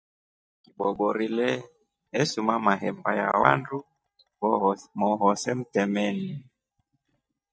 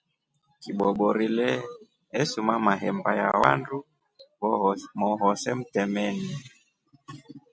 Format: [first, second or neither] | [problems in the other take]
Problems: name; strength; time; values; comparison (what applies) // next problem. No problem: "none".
second | noise reduction (neural mask model DeepFilterNet 3)